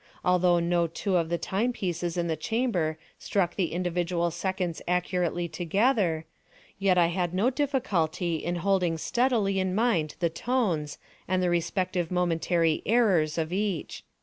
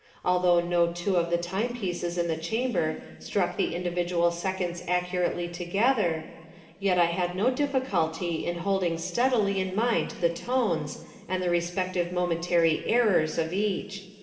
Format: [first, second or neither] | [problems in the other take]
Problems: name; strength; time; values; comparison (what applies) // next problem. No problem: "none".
first | room echo; dies away in 2.5 s